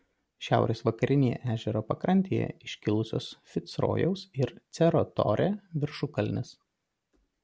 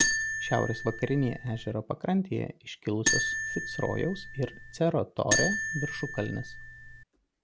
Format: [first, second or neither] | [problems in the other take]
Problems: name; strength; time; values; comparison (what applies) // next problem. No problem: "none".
first | background sound (Marimba, xylophone); as loud as the speech